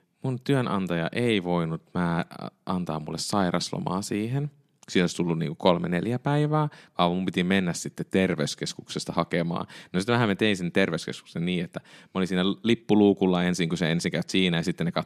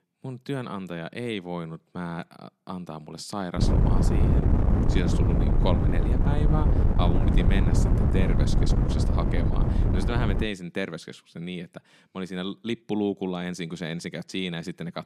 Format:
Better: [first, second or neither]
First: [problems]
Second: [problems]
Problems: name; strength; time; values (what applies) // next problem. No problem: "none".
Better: first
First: none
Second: wind noise on the microphone; heavy; from 3.5 to 10 s; 1 dB above the speech